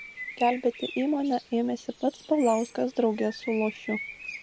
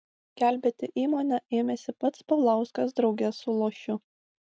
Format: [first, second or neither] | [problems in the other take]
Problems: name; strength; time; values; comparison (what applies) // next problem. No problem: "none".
second | background sound (Bird); 14 dB below the speech